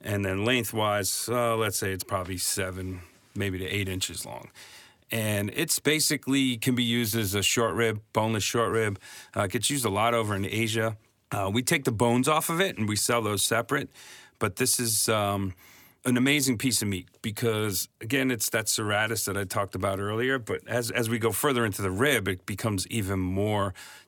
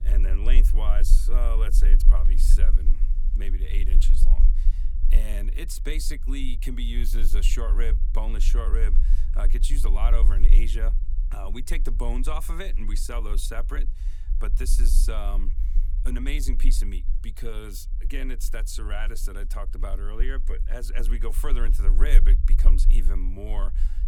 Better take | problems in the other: first | low rumble; noticeable; throughout; 15 dB below the speech

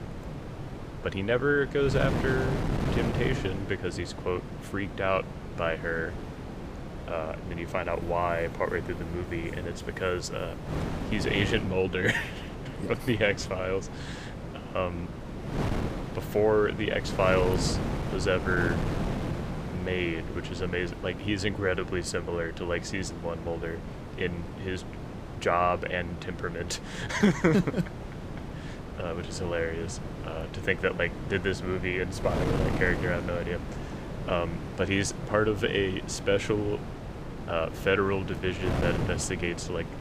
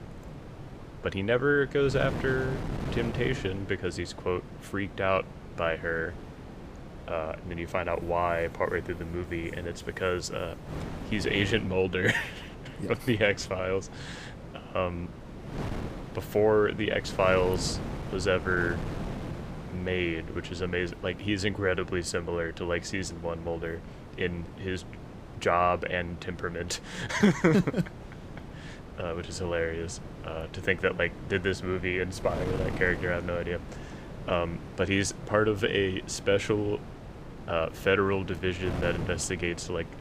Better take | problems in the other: second | wind noise on the microphone; heavy; 9 dB below the speech; occasional gusts in the second

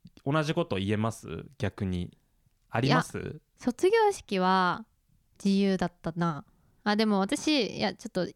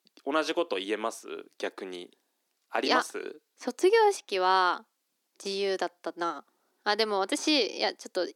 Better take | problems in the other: first | thin; somewhat; fading below 300 Hz

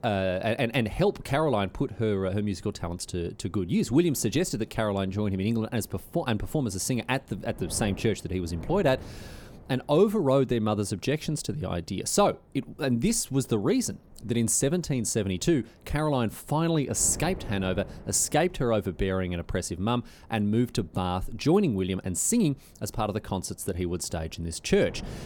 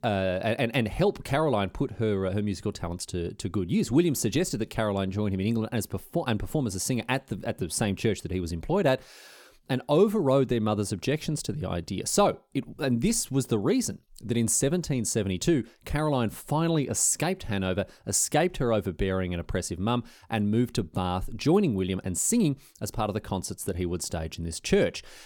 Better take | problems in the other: second | wind noise on the microphone; occasional gusts; 25 dB below the speech

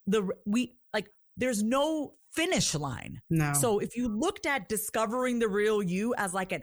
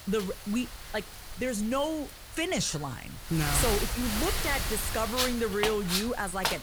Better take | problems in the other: first | wind noise on the microphone; heavy; as loud as the speech

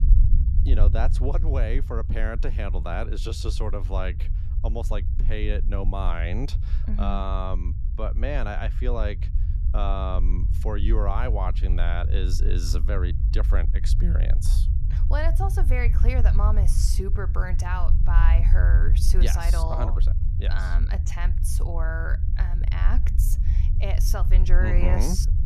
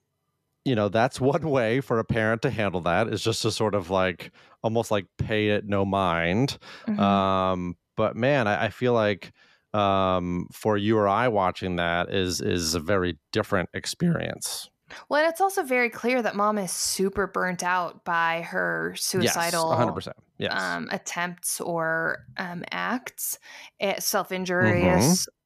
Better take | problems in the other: second | low rumble; noticeable; throughout; 10 dB below the speech

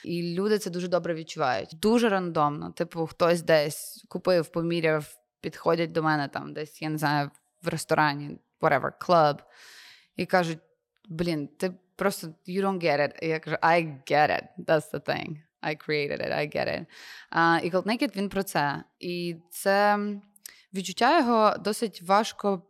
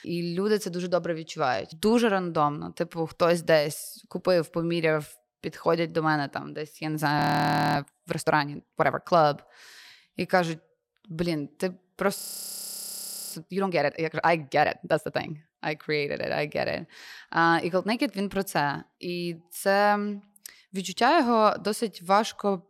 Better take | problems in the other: first | audio freezing; at 7 s for 0.5 s and at 12 s for 1 s

